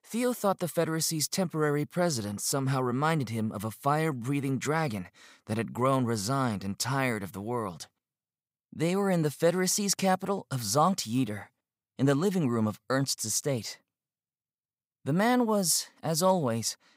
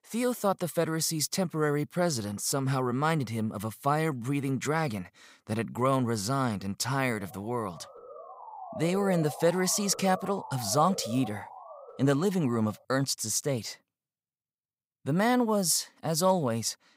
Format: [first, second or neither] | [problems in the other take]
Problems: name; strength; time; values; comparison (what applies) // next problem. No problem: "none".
first | siren; noticeable; from 7 to 13 s; peak 9 dB below the speech